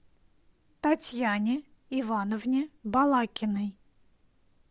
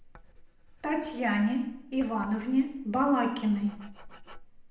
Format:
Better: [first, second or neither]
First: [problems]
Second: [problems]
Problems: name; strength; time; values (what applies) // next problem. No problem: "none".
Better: first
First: none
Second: background sound (Writing); 20 dB below the speech // room echo; dies away in 0.7 s